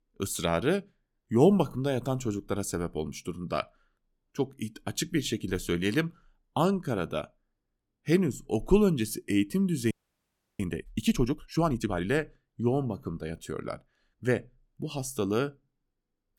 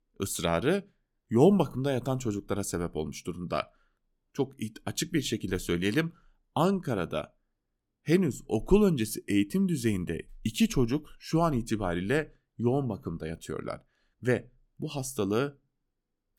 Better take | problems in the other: second | audio freezing; at 10 s for 0.5 s

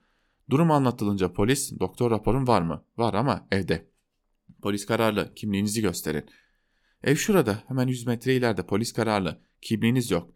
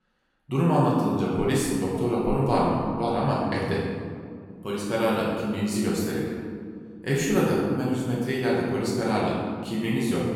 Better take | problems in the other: first | room echo; strong; dies away in 1.7 s // off-mic speech; far

